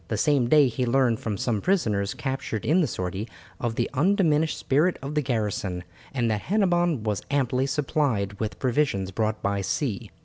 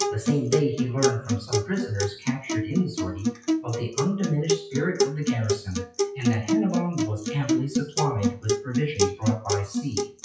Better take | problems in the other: first | noise reduction (classical method WPE with log-MMSE)

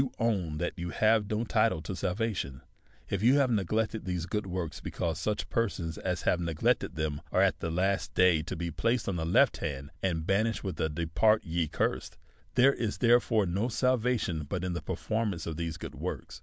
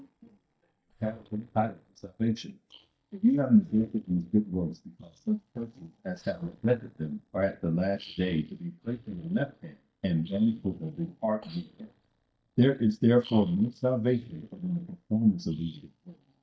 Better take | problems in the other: first | noise reduction (neural mask model DeepFilterNet 3)

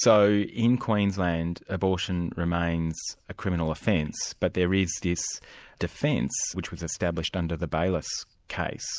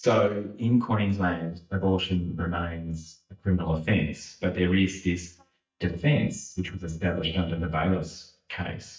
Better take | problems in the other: first | noise reduction (neural mask model DeepFilterNet 3)

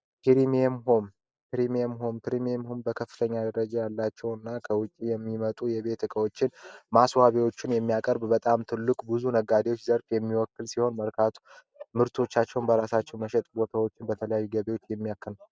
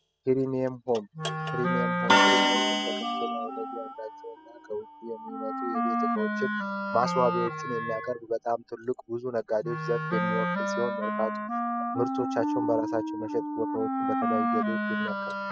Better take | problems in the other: first | noise reduction (classical method spectral subtraction)

